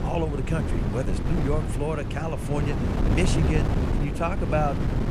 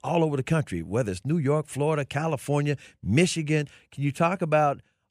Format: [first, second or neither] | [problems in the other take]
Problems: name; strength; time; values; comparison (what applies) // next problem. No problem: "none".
second | wind noise on the microphone; heavy; 3 dB below the speech